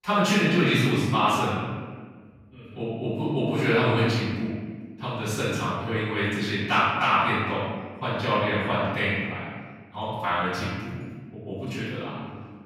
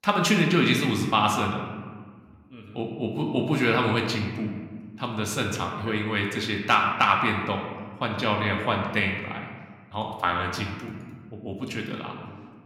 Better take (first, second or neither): second